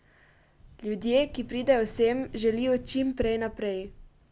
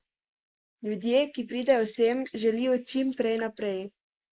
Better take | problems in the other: first | noise reduction (neural mask model Resemble Enhance denoiser)

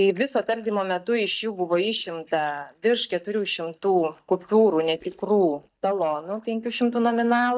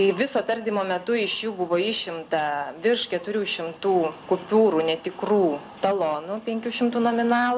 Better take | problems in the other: second | noise reduction (neural mask model DeepFilterNet 3)

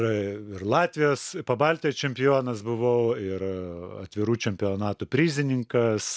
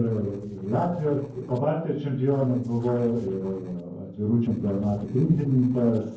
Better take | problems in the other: first | noise reduction (neural separator model SepFormer DNS4)

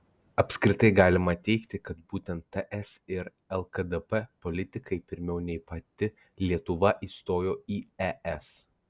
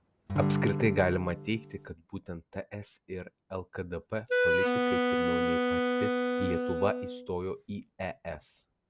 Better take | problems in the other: first | background sound (Acoustic guitar / Strum + Wind instrument, woodwind instrument); 5 dB above the speech

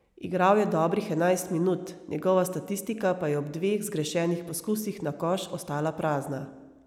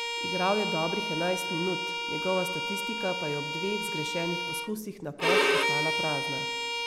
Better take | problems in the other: first | background sound (Bowed string instrument); 2 dB above the speech

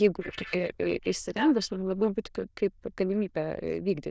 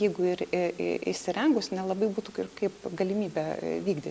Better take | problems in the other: second | noise reduction (neural diffusion model UNIVERSE++)

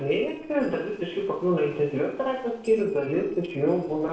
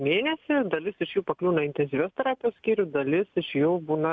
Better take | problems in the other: second | noise reduction (neural separator model SepFormer DNS4)

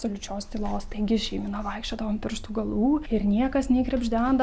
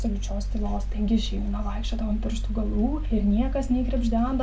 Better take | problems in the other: first | background sound (Mechanical fan); 2 dB below the speech // room echo; dies away in 0.2 s

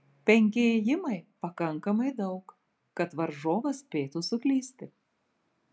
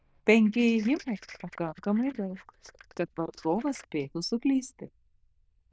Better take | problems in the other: first | noise reduction (neural diffusion model UNIVERSE++)

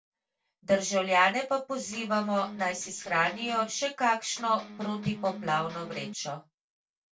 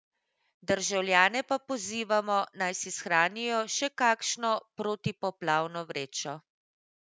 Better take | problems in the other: second | noise reduction (neural separator model SepFormer DNS4)

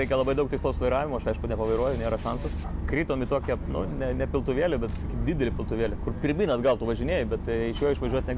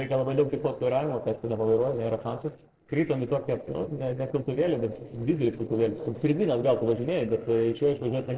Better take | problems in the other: first | noise reduction (neural separator model SepFormer DNS4)

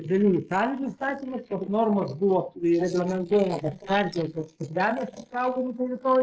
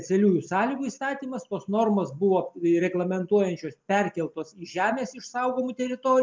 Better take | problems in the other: second | noise reduction (neural mask model Resemble Enhance denoiser)

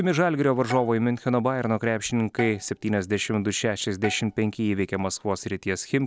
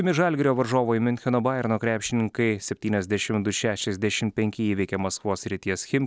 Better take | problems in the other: second | background sound (Bowed string instrument); 18 dB below the speech

